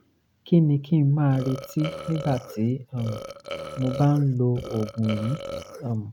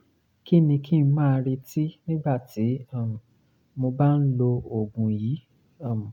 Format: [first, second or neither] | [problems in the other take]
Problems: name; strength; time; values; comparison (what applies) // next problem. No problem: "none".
second | background sound (Burping, eructation); 12 dB below the speech